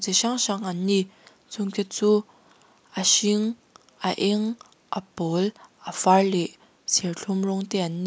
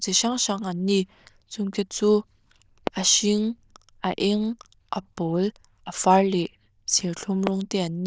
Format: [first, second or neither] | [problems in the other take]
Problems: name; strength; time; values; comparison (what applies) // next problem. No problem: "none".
first | noise reduction (neural diffusion model UNIVERSE++)